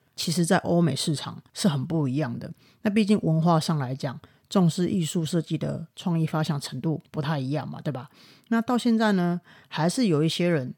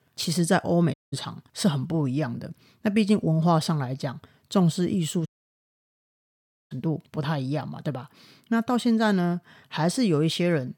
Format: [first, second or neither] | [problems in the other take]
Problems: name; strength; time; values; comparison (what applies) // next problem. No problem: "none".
first | audio cutting out; at 1 s and at 5.5 s for 1.5 s